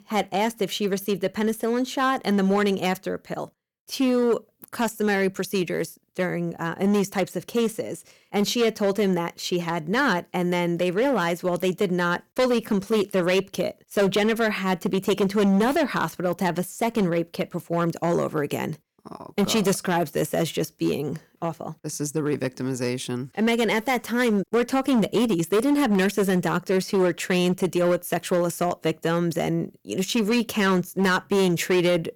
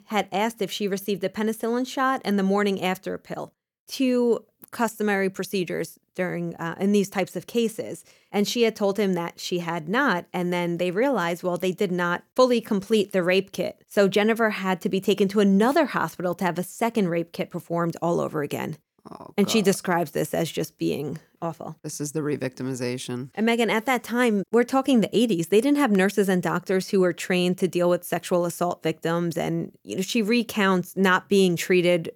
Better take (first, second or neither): second